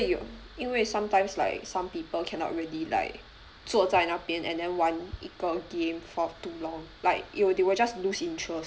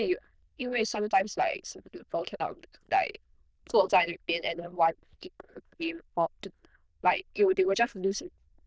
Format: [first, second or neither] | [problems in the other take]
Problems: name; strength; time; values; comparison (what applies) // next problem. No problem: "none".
first | noise reduction (neural diffusion model UNIVERSE++)